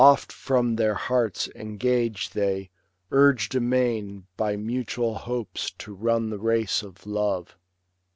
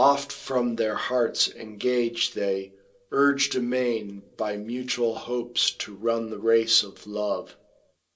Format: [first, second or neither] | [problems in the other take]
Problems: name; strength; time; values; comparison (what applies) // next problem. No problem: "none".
first | room echo; dies away in 0.2 s